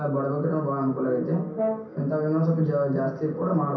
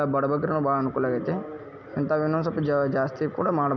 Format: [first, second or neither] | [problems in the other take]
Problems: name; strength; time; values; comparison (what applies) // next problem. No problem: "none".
second | background sound (Brass instrument); 8 dB below the speech // room echo; dies away in 0.6 s